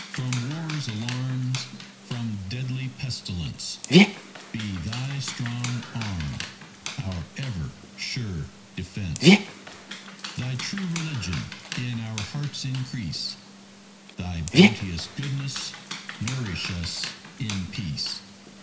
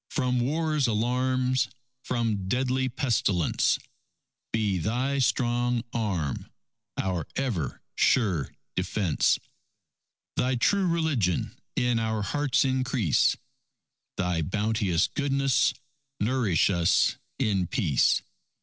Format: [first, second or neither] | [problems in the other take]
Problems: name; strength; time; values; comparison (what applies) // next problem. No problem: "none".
second | background sound (Dog); 3 dB above the speech // room echo; dies away in 1.4 s